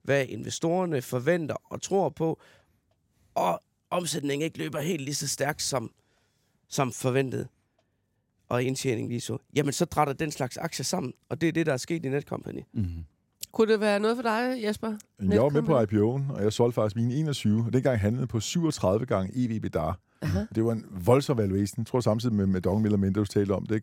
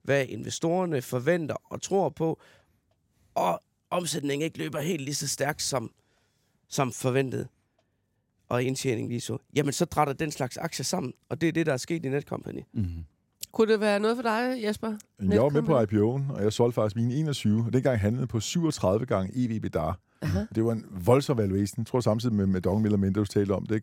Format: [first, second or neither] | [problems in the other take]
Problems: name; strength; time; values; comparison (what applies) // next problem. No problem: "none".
neither | none